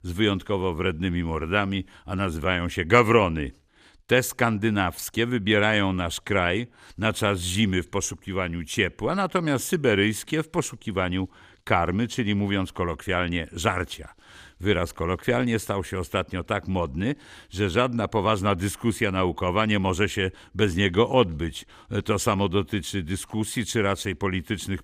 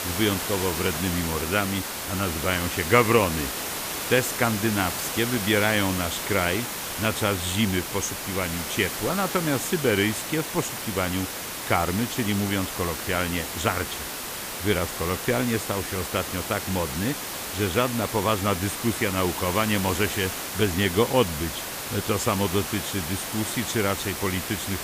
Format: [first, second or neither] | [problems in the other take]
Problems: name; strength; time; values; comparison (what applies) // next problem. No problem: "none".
first | hiss; loud; throughout; 4 dB below the speech